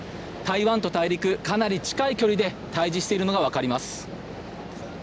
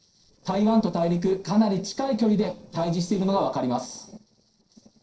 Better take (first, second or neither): first